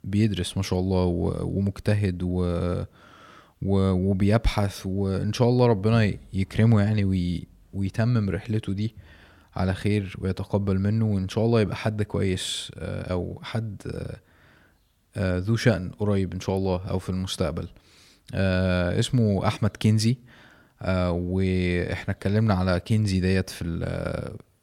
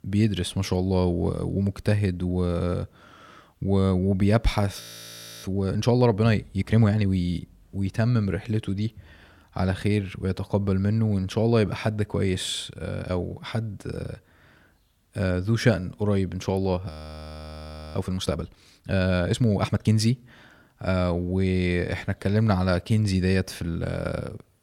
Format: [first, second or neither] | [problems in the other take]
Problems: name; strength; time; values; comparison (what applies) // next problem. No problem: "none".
first | audio freezing; at 5 s for 0.5 s and at 17 s for 1 s